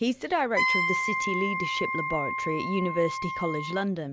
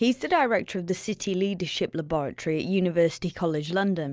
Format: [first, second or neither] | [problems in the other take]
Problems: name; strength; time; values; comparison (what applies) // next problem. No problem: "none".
second | background sound (Wind instrument, woodwind instrument); 1 dB below the speech